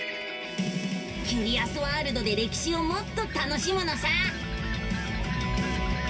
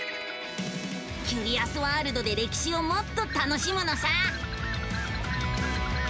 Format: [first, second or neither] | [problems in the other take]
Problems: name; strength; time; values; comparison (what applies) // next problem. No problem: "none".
second | room echo; dies away in 2.3 s